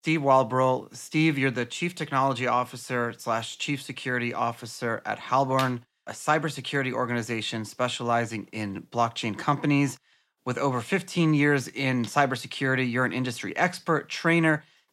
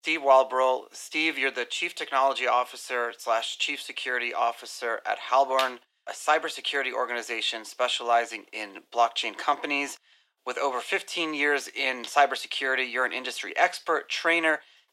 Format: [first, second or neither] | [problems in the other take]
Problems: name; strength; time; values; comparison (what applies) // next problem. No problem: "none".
first | thin; very; fading below 400 Hz